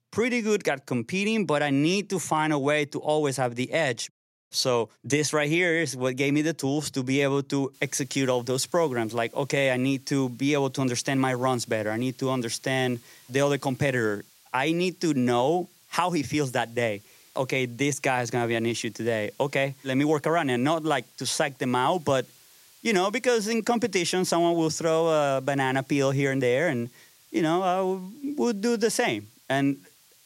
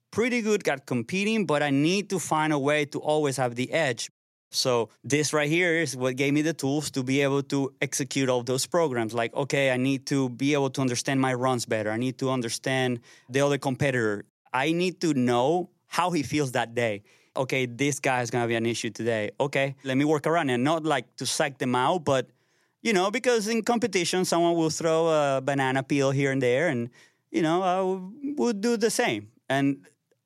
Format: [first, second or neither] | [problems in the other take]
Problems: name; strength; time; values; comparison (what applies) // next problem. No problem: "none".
second | hiss; faint; from 7.5 s on; 30 dB below the speech